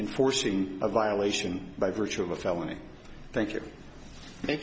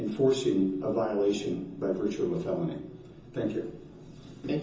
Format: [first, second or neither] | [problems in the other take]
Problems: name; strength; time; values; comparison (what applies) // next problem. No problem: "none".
first | room echo; dies away in 0.6 s